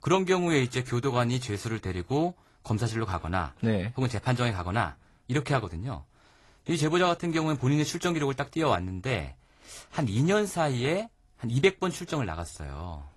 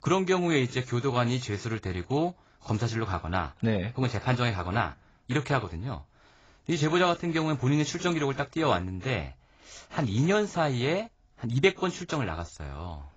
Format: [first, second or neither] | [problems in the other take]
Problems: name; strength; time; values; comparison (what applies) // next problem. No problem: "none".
first | garbled, watery; badly; nothing above 7.5 kHz; slightly in the first